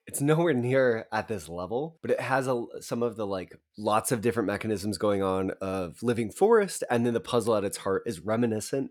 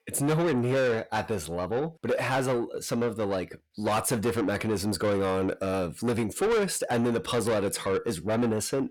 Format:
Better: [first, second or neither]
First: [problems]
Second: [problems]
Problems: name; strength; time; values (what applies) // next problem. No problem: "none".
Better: first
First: none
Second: distortion; heavy; 8 dB below the speech